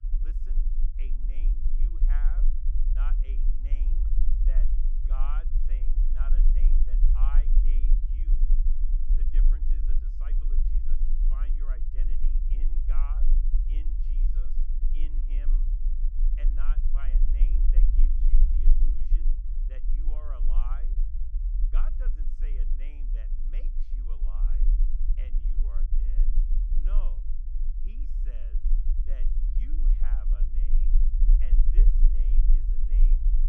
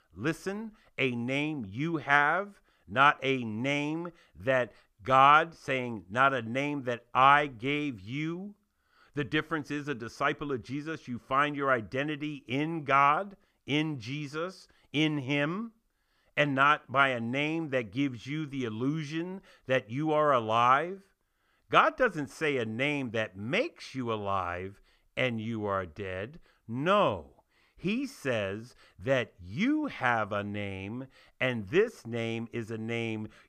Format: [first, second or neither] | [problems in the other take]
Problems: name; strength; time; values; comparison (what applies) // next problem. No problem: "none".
second | low rumble; loud; throughout; 2 dB below the speech